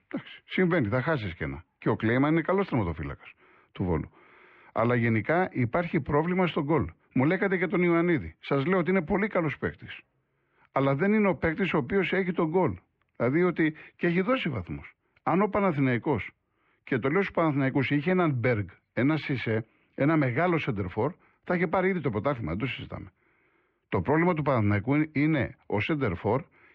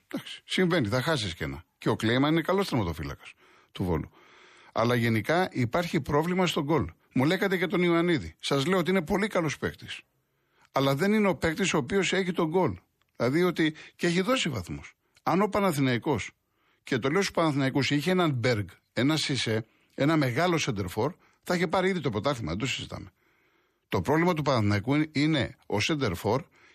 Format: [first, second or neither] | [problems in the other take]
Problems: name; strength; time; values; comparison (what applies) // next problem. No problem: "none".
second | muffled; very; fading above 2.5 kHz